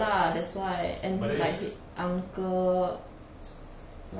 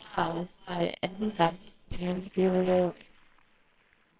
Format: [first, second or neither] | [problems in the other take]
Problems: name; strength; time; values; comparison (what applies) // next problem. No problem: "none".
first | noise reduction (neural separator model SepFormer WHAMR!)